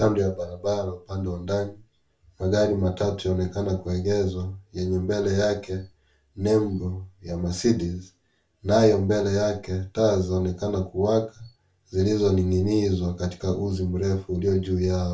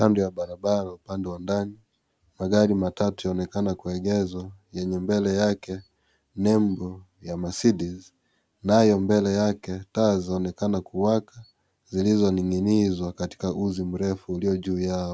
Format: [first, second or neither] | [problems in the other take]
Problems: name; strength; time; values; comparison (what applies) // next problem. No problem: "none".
second | room echo; dies away in 0.2 s